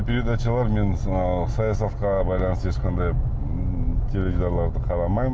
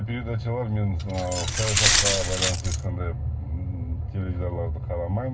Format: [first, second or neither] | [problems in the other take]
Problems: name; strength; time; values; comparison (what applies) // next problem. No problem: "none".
first | background sound (Glass); 3 dB above the speech // room echo; dies away in 0.2 s